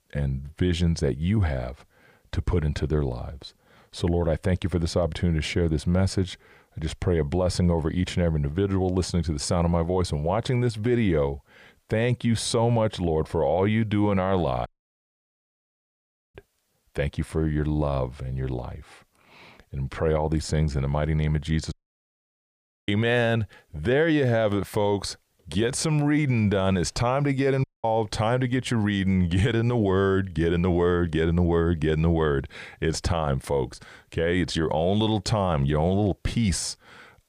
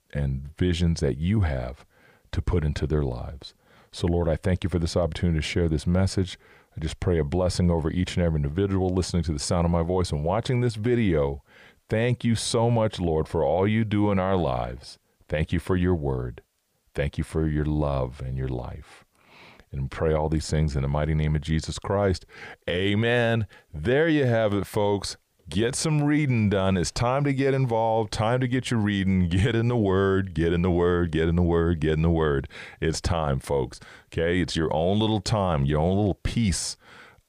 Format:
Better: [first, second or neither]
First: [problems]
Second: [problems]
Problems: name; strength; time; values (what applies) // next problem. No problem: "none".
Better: second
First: audio cutting out; at 15 s for 1.5 s, at 22 s for 1 s and at 28 s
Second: none